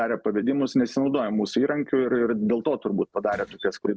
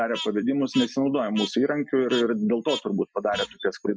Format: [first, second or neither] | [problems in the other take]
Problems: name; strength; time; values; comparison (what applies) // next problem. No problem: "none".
first | noise reduction (classical method Wiener filter)